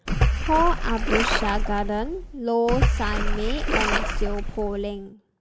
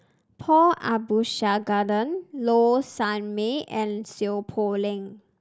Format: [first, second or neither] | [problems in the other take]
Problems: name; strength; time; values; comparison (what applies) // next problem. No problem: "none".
second | background sound (Splash, splatter); 3 dB above the speech